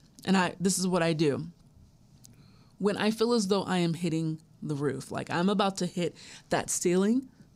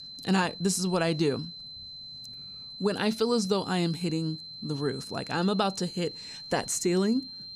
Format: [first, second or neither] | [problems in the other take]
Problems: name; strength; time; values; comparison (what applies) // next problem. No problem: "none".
first | high-pitched whine; noticeable; throughout; 4 kHz, 10 dB below the speech